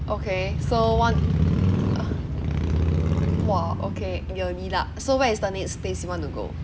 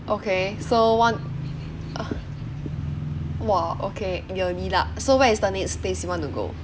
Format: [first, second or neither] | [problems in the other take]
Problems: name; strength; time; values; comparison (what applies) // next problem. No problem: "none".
second | background sound (Motorcycle / Crow); 2 dB above the speech